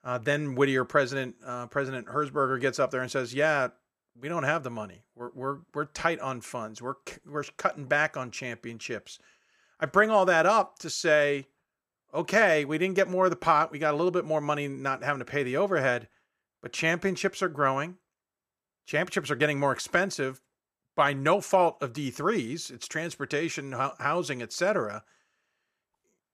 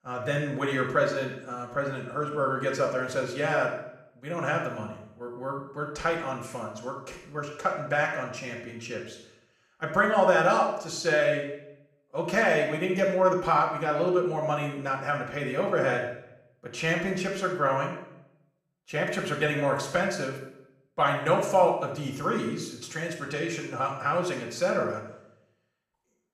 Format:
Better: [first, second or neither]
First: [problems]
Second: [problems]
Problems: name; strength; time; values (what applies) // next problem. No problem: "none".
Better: first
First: none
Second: off-mic speech; far // room echo; noticeable; dies away in 0.7 s